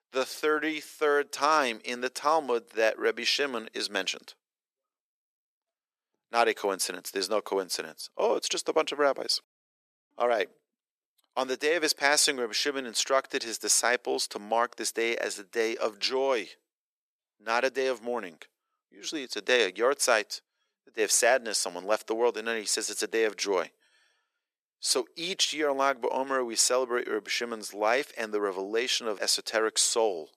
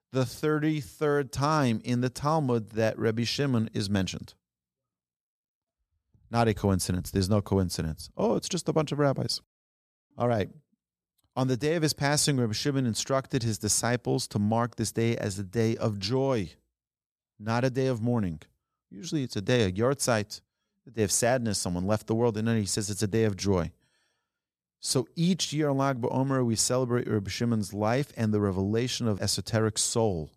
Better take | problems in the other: second | thin; very; fading below 350 Hz

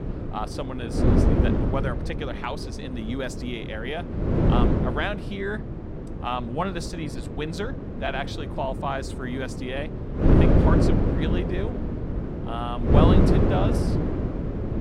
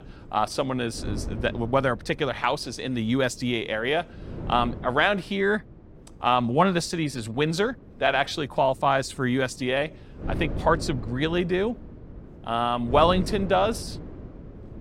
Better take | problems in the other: second | wind noise on the microphone; heavy; as loud as the speech; occasional gusts in the second

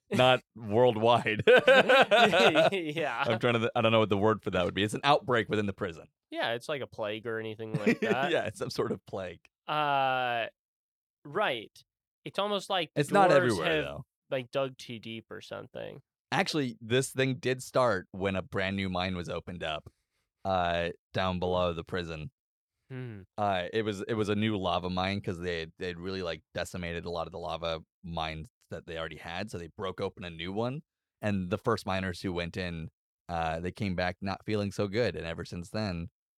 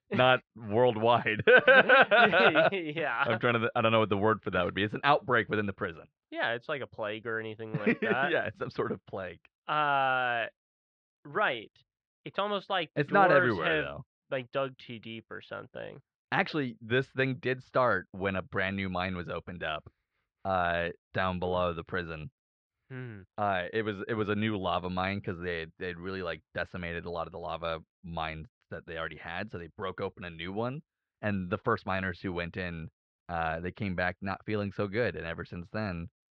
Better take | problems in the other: first | muffled; slightly; fading above 3.5 kHz

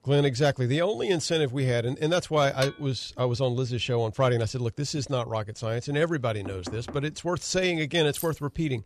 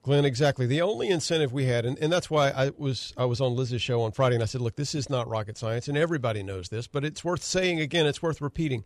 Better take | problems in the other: second | clattering dishes; noticeable; at 2.5 s; peak 9 dB below the speech // door banging; faint; at 6.5 s; peak 15 dB below the speech // jangling keys; faint; at 8 s; peak 10 dB below the speech

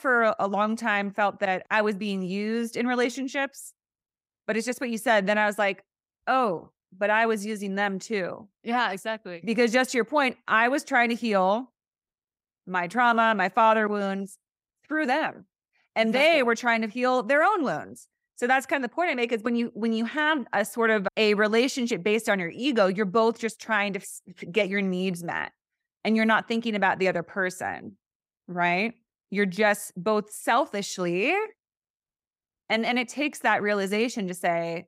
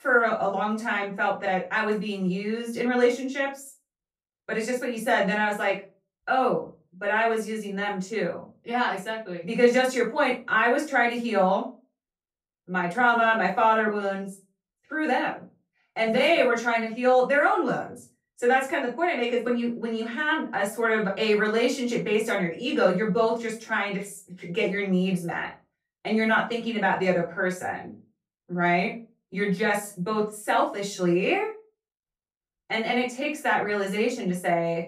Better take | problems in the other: first | off-mic speech; far // room echo; slight; dies away in 0.2 s

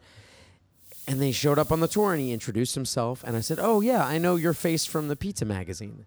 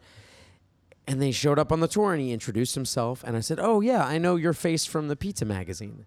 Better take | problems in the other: second | hiss; noticeable; from 1 to 2.5 s and from 3.5 to 5 s; 15 dB below the speech

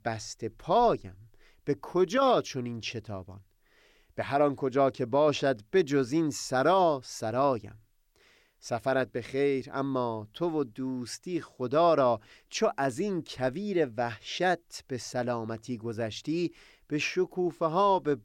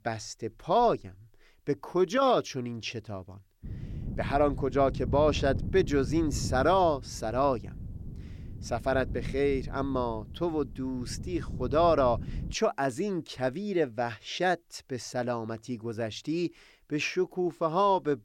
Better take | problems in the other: first | wind noise on the microphone; occasional gusts; from 3.5 to 13 s; 20 dB below the speech

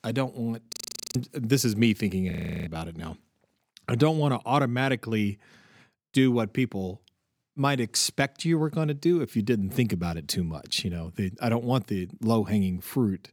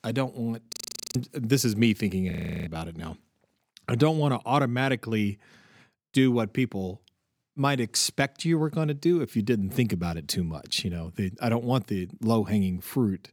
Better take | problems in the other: neither | audio freezing; at 0.5 s and at 2.5 s; the same in both

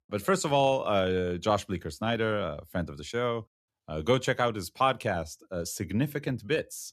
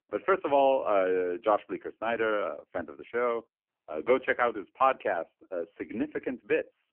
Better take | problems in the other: first | phone-call audio; poor line; nothing above 3 kHz

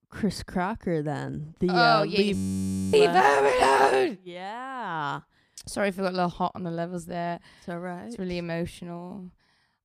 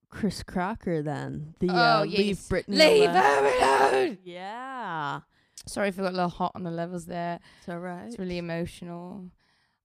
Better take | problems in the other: second | audio freezing; at 2.5 s for 0.5 s

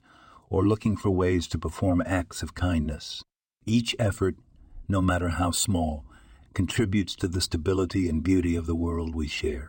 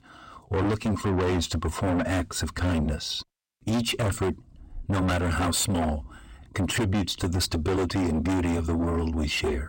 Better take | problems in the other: first | distortion; heavy; 7 dB below the speech

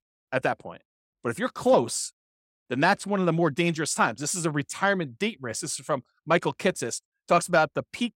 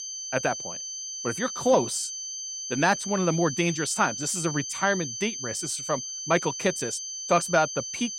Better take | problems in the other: first | high-pitched whine; loud; throughout; 6 kHz, 5 dB below the speech

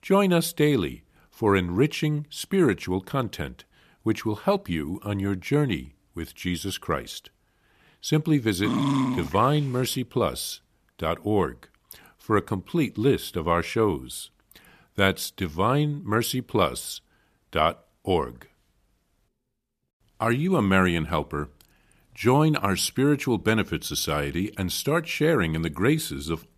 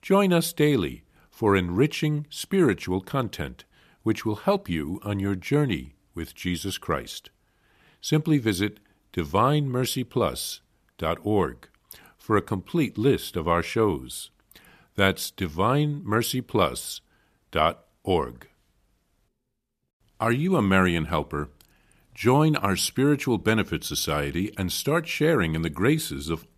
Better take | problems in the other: second | dog barking; loud; at 8.5 s; peak 1 dB above the speech

